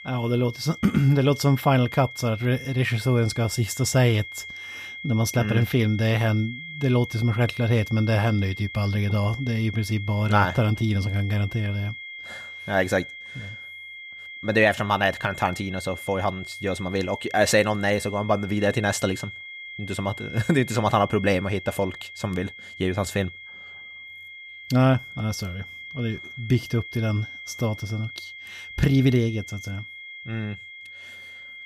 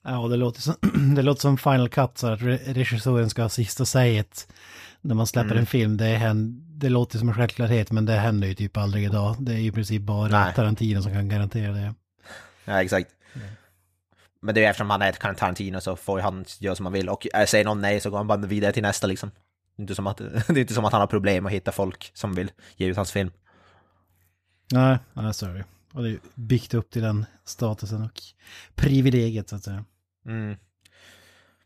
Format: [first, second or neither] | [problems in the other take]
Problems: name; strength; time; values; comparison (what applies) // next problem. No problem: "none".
second | high-pitched whine; noticeable; throughout; 2 kHz, 15 dB below the speech